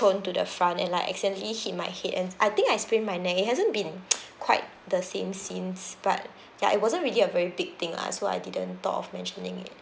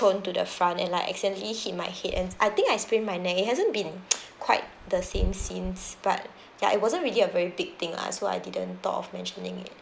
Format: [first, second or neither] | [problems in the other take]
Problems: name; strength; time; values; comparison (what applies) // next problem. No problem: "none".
first | background sound (Wind / Bird); 13 dB below the speech